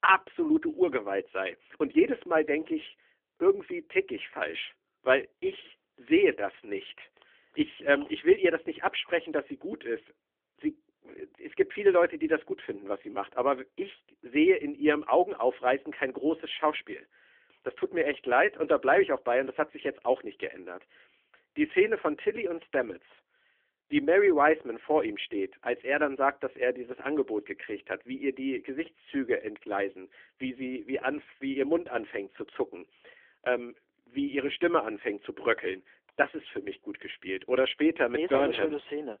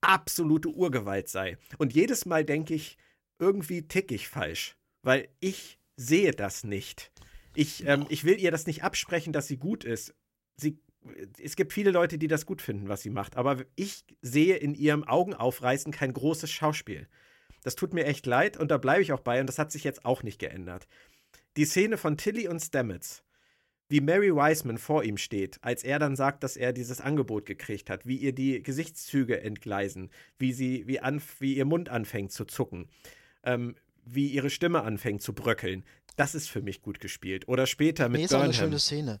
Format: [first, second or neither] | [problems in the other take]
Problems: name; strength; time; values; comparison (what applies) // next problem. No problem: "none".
second | phone-call audio; nothing above 3.5 kHz